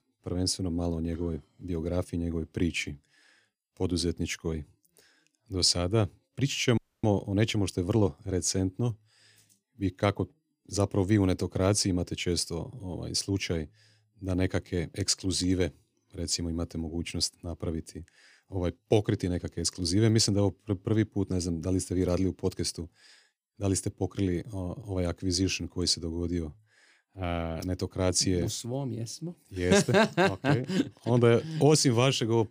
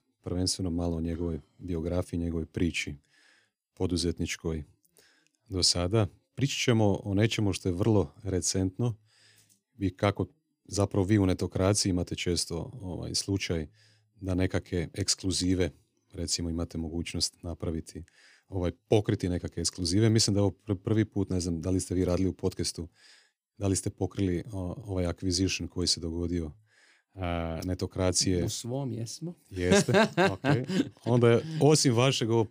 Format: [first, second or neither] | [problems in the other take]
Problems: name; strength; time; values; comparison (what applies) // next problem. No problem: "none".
second | audio freezing; at 7 s